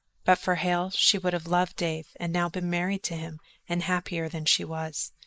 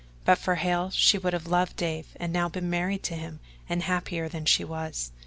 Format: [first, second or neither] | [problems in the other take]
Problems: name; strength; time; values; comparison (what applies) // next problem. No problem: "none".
second | noise reduction (neural mask model Resemble Enhance denoiser)